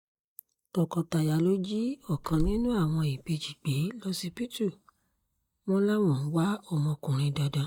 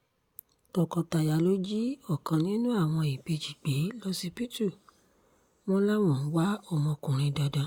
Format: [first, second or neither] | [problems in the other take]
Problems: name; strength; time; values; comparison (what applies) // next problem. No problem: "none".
second | noise reduction (neural mask model DeepFilterNet 3)